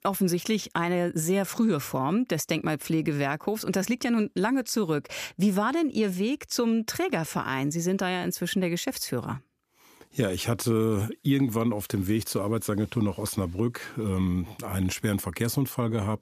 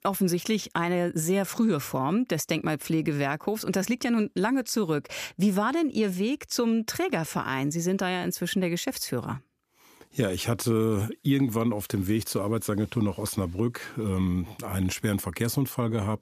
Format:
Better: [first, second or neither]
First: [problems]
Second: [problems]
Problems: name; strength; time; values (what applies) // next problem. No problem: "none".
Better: neither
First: none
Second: none